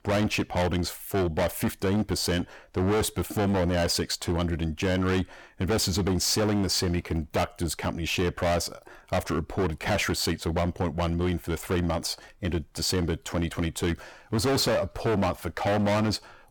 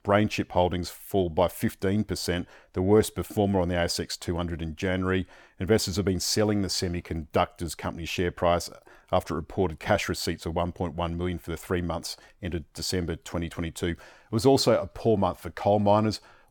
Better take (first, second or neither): second